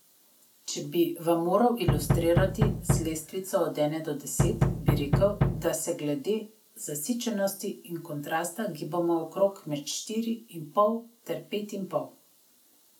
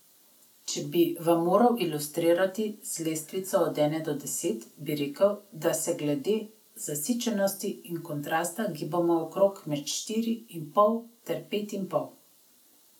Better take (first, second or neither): second